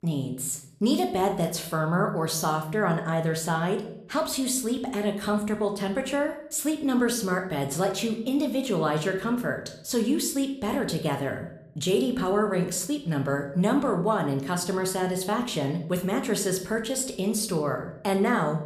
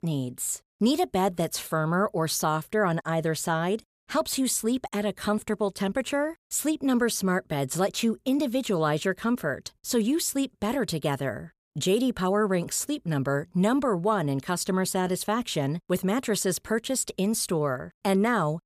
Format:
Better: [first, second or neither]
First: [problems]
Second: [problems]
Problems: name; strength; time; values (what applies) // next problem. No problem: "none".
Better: second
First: room echo; slight; dies away in 0.5 s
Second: none